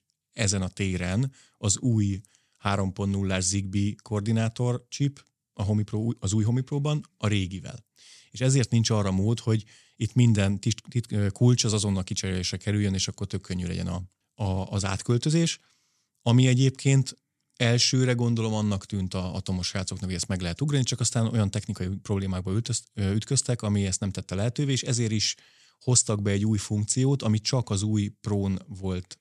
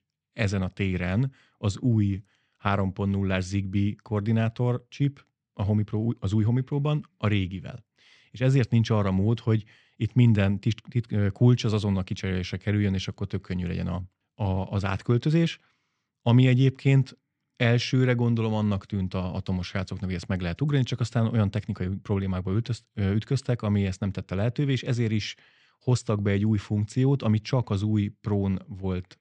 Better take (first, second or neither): first